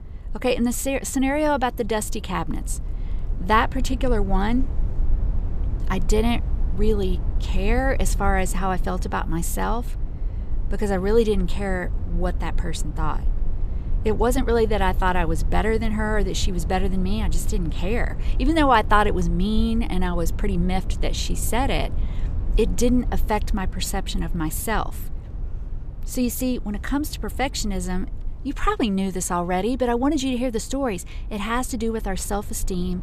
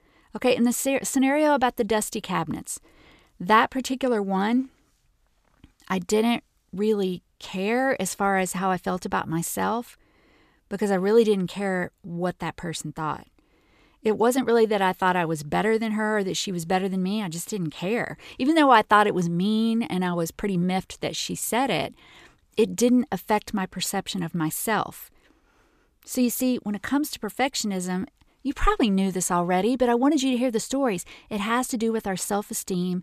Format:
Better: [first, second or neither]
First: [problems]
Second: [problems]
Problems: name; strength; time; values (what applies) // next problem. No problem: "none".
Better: second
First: low rumble; faint; throughout; 20 dB below the speech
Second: none